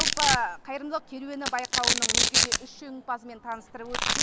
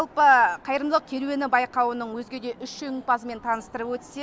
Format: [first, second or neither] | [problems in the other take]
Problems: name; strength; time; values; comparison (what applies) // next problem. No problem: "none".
second | background sound (Domestic sounds, home sounds); 5 dB above the speech